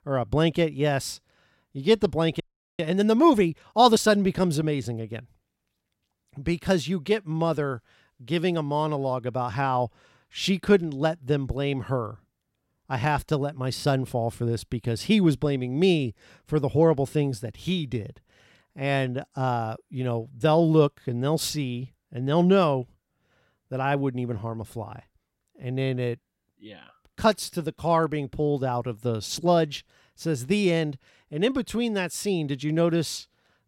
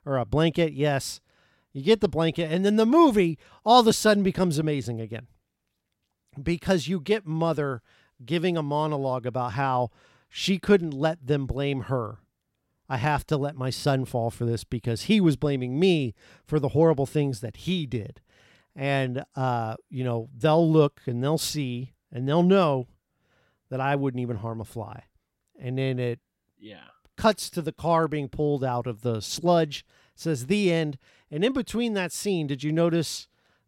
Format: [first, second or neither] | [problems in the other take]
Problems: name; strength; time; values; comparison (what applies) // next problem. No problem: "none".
second | audio freezing; at 2.5 s